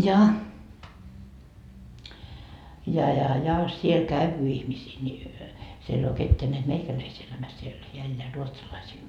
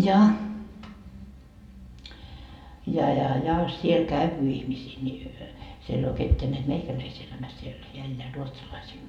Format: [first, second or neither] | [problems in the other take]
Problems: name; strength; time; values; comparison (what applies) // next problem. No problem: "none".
first | room echo; dies away in 0.9 s